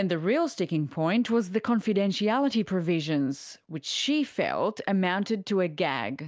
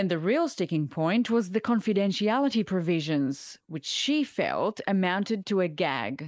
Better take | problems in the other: first | noise reduction (neural mask model Resemble Enhance denoiser)

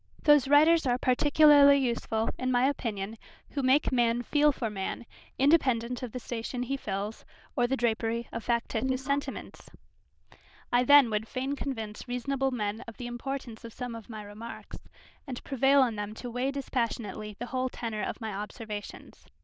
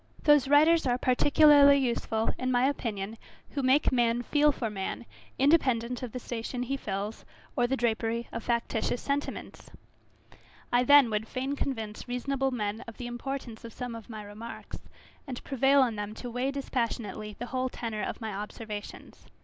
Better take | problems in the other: second | noise reduction (neural diffusion model UNIVERSE++)

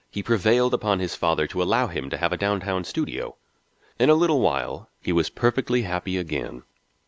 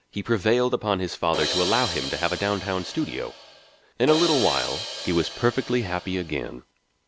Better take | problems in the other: first | background sound (Crash cymbal); 7 dB below the speech

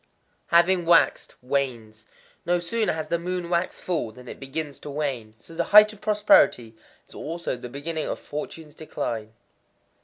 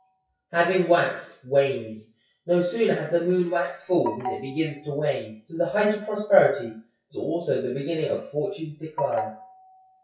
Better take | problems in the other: first | noise reduction (classical method WPE with log-MMSE)

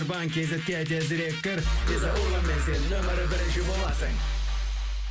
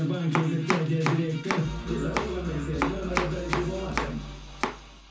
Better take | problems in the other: first | background sound (Domestic sounds, home sounds); 5 dB below the speech // room echo; dies away in 0.9 s

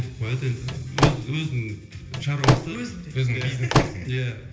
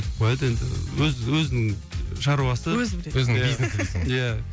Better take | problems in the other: second | background sound (Slam / Microwave oven); 3 dB above the speech // room echo; dies away in 1.4 s

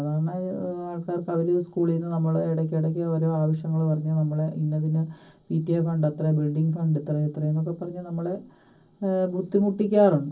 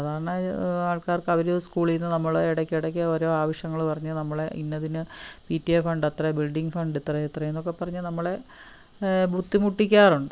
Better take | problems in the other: second | room echo; dies away in 0.4 s

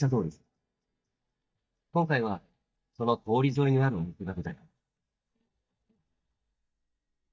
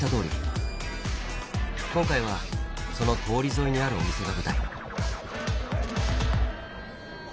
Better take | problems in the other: second | noise reduction (neural mask model DeepFilterNet 3)

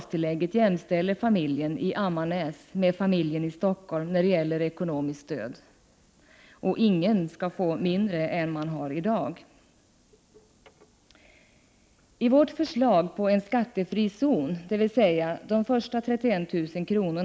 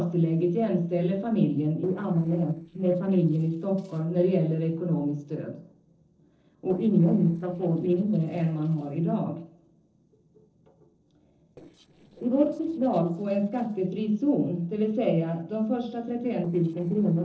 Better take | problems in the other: first | noise reduction (neural separator model SepFormer DNS4)

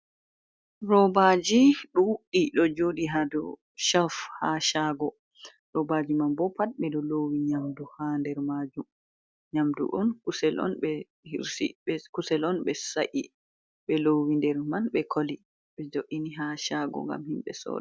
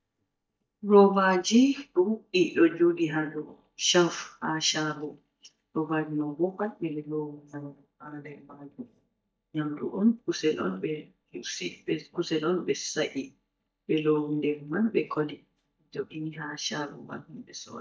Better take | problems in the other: first | noise reduction (neural mask model DeepFilterNet 3)

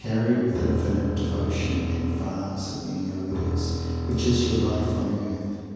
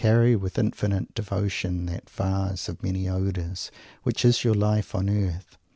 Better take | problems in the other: second | background sound (Bowed string instrument); 3 dB below the speech // room echo; dies away in 2.1 s

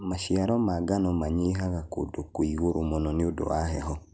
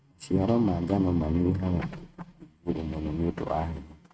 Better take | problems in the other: first | noise reduction (neural mask model RNNoise)

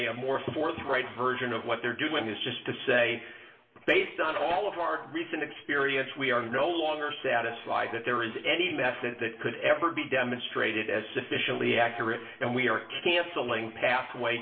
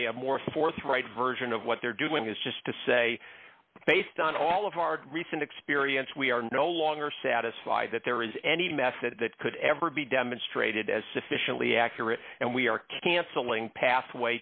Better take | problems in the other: second | room echo; dies away in 0.8 s

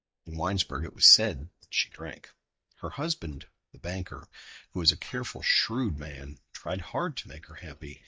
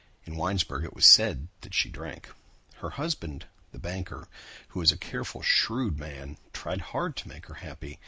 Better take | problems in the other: second | noise reduction (neural mask model DeepFilterNet 3)

